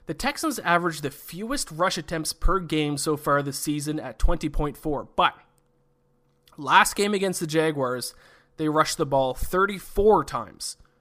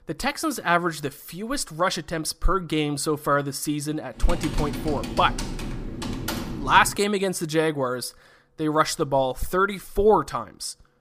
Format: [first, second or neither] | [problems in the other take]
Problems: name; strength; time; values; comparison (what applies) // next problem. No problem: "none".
first | keyboard typing; noticeable; from 4 to 7 s; peak 5 dB below the speech